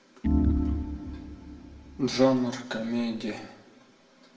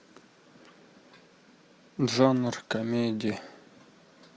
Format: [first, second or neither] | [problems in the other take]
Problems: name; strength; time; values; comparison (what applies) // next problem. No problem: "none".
second | background sound (Organ); 2 dB above the speech // room echo; dies away in 0.7 s